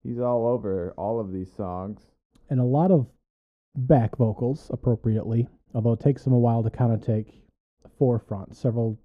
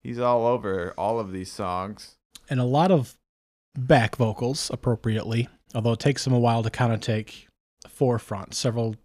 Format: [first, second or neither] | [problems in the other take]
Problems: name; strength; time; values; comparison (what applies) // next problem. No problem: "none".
second | muffled; very; fading above 1 kHz